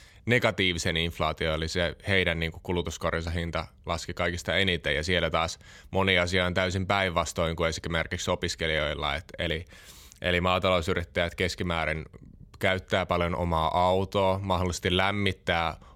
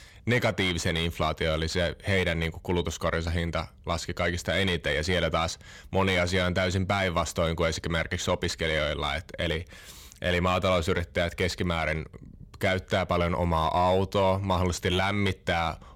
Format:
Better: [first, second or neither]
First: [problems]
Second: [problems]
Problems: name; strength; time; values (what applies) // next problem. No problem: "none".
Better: first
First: none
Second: distortion; slight; 10 dB below the speech